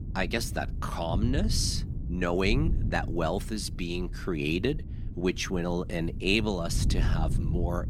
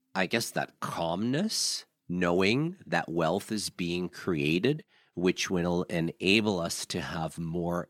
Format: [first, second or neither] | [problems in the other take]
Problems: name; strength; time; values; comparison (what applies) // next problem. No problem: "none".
second | wind noise on the microphone; occasional gusts; 15 dB below the speech